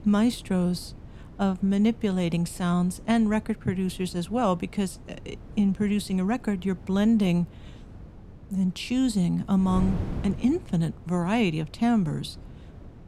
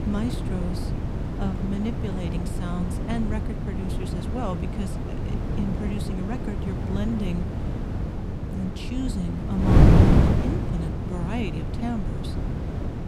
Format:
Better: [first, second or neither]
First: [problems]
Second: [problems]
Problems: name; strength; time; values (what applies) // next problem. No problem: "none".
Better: first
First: wind noise on the microphone; occasional gusts; 20 dB below the speech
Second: wind noise on the microphone; heavy; 3 dB above the speech